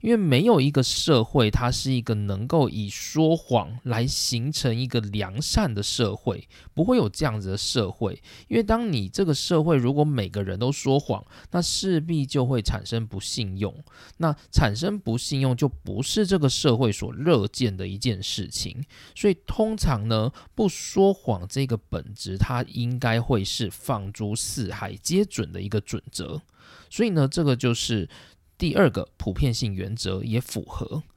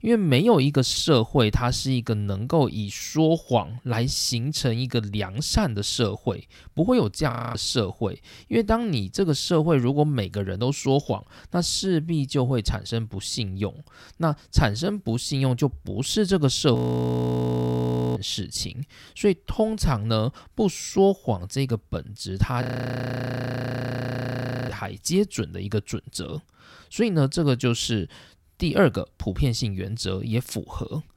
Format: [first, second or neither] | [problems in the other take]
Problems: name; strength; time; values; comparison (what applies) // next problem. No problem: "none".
first | audio freezing; at 7.5 s, at 17 s for 1.5 s and at 23 s for 2 s